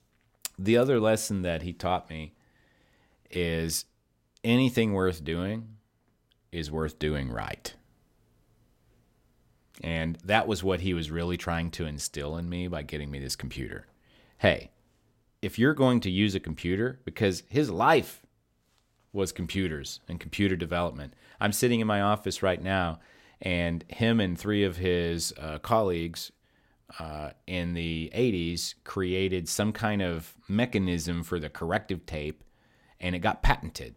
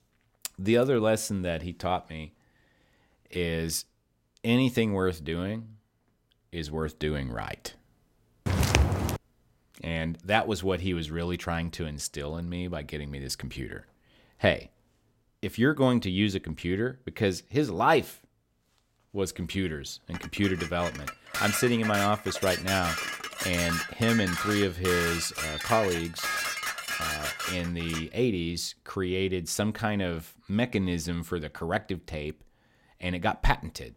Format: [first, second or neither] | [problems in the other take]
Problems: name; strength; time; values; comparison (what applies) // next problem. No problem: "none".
first | footsteps; loud; at 8.5 s; peak 5 dB above the speech // clattering dishes; loud; from 20 to 28 s; peak 1 dB above the speech